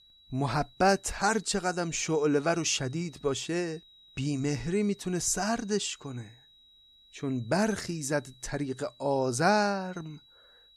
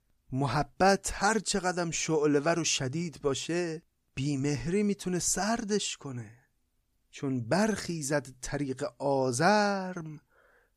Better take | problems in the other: second | high-pitched whine; faint; throughout; 4 kHz, 25 dB below the speech

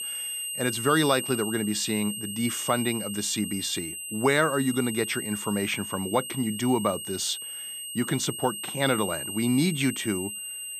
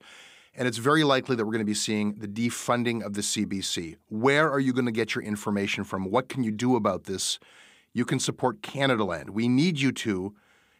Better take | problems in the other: second | high-pitched whine; loud; throughout; 8.5 kHz, 5 dB below the speech

